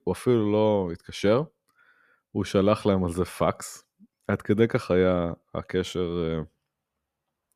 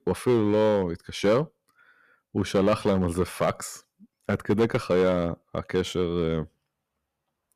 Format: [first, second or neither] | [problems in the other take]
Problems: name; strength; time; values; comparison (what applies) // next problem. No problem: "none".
first | distortion; slight; 4% of the sound clipped